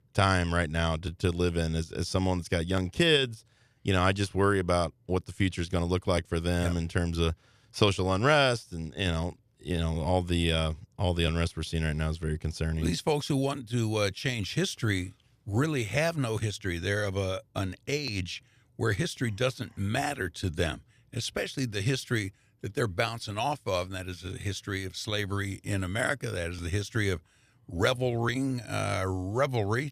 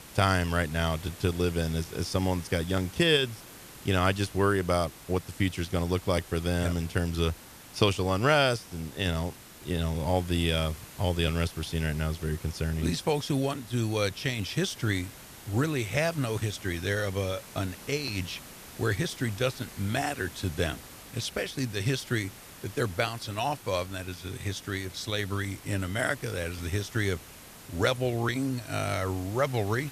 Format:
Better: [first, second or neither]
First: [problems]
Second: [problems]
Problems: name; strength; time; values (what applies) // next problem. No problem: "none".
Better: first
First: none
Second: hiss; noticeable; throughout; 15 dB below the speech